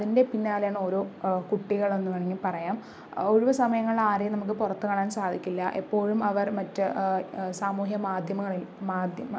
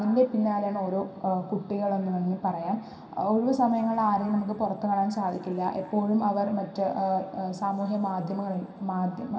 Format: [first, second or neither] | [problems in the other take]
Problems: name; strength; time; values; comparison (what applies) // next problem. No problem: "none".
first | room echo; dies away in 2 s